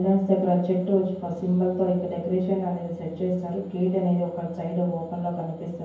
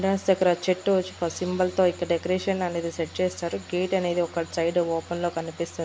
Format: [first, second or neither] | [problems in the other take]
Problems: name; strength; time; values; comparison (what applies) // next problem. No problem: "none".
second | room echo; dies away in 0.9 s